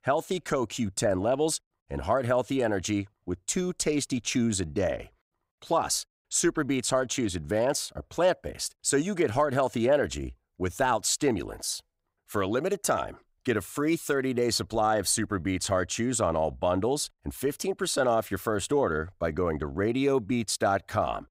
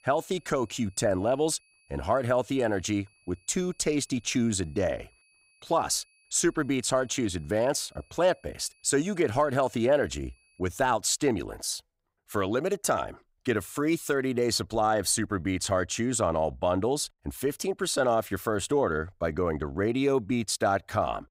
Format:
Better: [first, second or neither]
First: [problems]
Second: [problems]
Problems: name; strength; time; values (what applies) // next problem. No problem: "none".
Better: first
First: none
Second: high-pitched whine; faint; until 11 s; 2.5 kHz, 35 dB below the speech